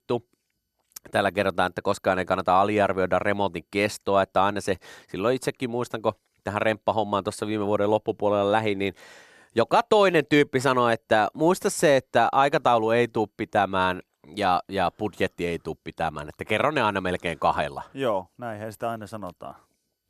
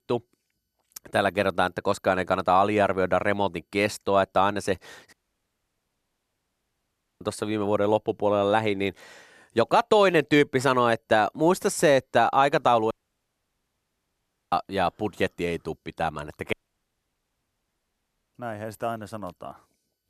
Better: first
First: none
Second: audio cutting out; at 5 s for 2 s, at 13 s for 1.5 s and at 17 s for 2 s

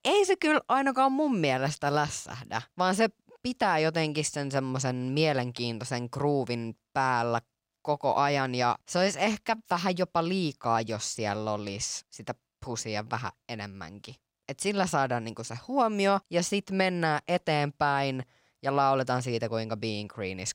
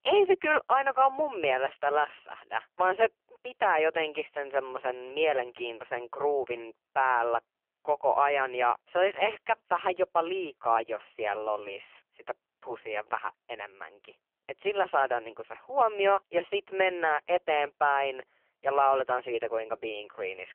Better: first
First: none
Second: phone-call audio; poor line; nothing above 3 kHz

